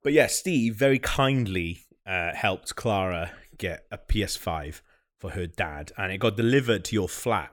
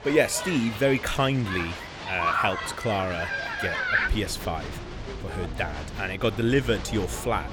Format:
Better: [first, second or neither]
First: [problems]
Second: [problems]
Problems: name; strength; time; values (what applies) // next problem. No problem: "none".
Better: first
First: none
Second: crowd noise; loud; throughout; 4 dB below the speech